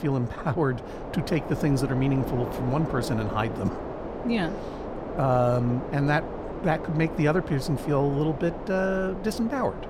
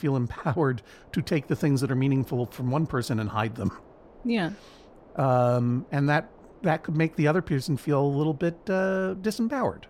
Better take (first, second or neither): second